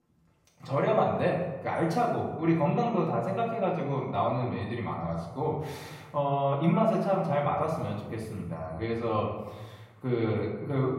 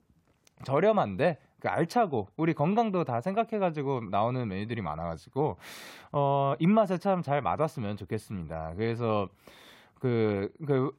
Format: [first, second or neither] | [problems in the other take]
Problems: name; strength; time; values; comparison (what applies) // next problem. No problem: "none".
second | off-mic speech; far // room echo; noticeable; dies away in 1 s